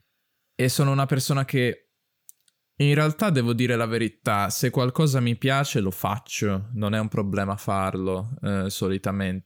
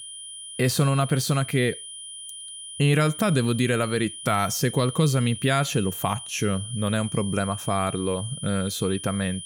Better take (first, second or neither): first